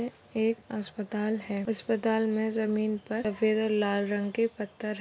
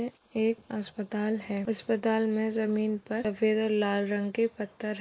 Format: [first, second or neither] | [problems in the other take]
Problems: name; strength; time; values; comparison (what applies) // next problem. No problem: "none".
first | noise reduction (neural mask model Resemble Enhance denoiser)